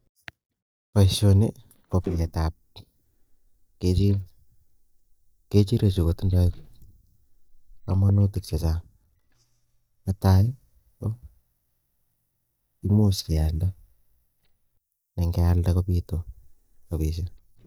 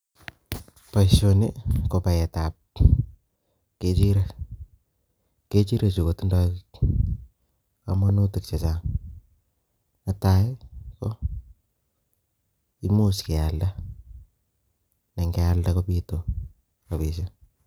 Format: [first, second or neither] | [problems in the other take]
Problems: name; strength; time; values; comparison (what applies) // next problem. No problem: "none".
second | noise reduction (neural mask model DeepFilterNet 3)